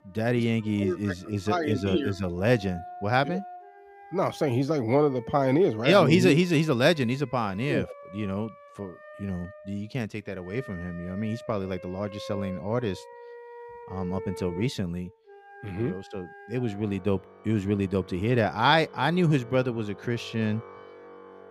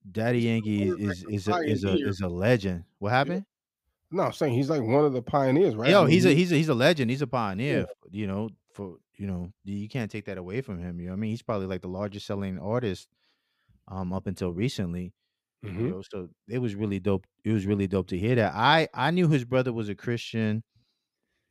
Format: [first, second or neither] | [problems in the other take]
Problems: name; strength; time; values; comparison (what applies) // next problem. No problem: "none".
second | background music; noticeable; throughout; 20 dB below the speech